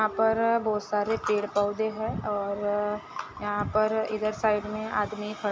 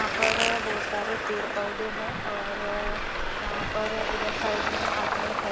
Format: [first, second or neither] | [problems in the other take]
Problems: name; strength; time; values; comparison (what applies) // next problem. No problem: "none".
first | background sound (Fart + Traffic noise, roadway noise); 4 dB above the speech